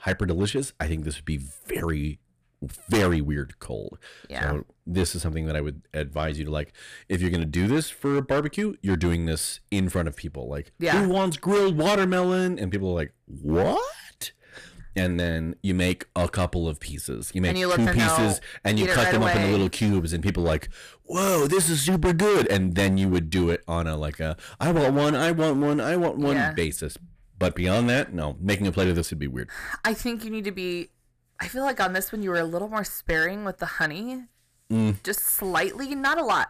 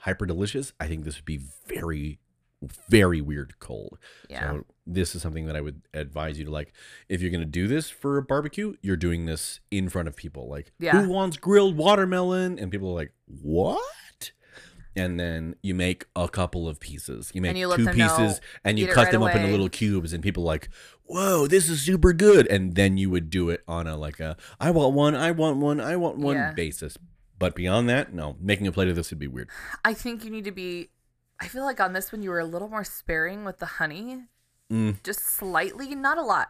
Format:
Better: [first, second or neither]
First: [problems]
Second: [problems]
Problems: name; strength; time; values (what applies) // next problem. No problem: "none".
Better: second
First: distortion; heavy; 9% of the sound clipped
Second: none